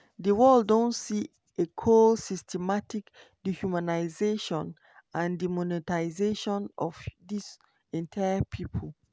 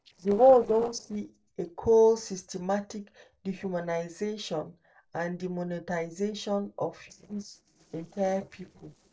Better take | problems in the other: first | noise reduction (neural separator model SepFormer DNS4)

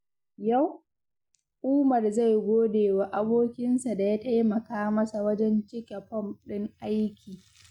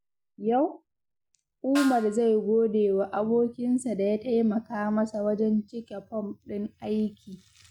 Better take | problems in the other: first | background sound (Snare drum); 15 dB below the speech

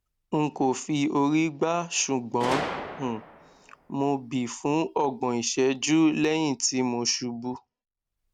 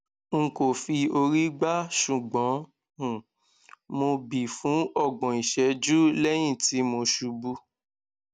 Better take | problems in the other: second | background sound (Gunshot, gunfire); 15 dB below the speech

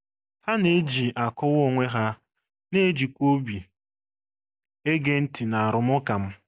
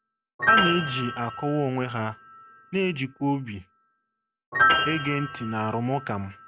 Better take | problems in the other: first | background sound (Piano); 1 dB above the speech

